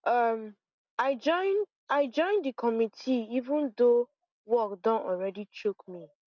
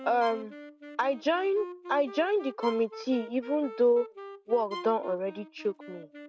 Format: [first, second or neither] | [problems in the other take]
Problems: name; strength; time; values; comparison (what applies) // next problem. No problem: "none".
first | background sound (Wind instrument, woodwind instrument + Bowed string instrument); 14 dB below the speech